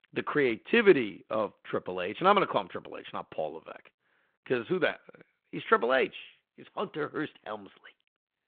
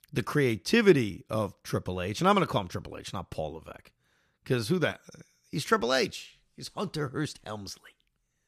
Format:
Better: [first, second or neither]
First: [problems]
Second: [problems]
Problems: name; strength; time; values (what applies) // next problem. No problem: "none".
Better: second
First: phone-call audio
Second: none